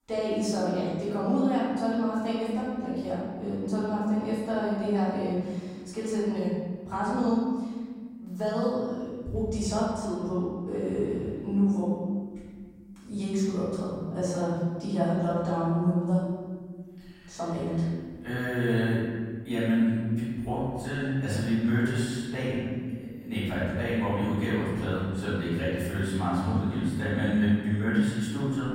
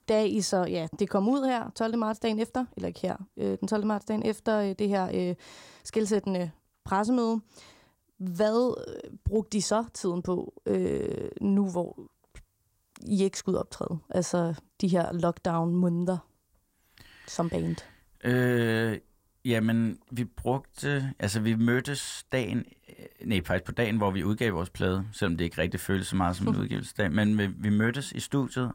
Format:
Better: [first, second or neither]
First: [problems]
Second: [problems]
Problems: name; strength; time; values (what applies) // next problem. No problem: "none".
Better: second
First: room echo; strong; dies away in 1.8 s // off-mic speech; far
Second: none